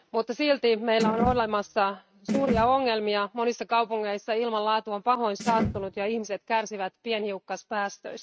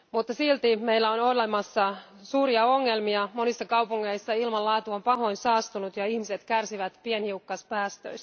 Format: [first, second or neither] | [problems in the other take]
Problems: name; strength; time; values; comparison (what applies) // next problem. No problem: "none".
second | noise reduction (neural mask model RNNoise)